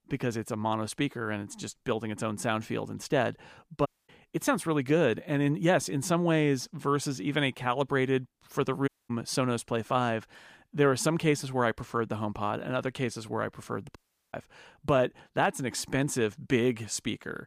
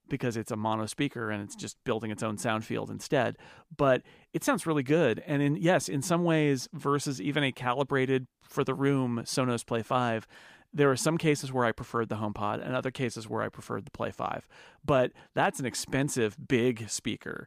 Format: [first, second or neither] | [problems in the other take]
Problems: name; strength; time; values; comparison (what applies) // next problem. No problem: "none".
second | audio cutting out; at 4 s, at 9 s and at 14 s